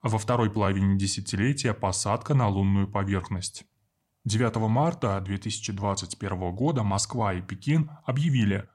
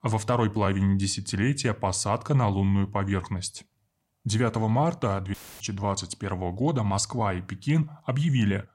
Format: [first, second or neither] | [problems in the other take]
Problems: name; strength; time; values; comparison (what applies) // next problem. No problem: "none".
first | audio cutting out; filled with static; at 5.5 s